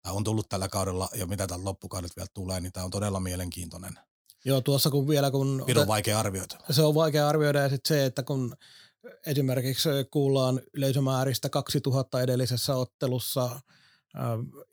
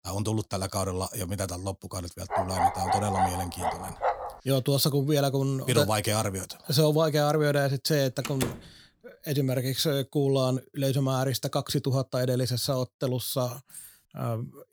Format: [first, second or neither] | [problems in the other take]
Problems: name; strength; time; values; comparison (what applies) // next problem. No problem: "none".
first | dog barking; loud; from 2.5 to 4.5 s; peak 1 dB above the speech // door banging; noticeable; at 8 s; peak 6 dB below the speech // jangling keys; faint; at 14 s; peak 15 dB below the speech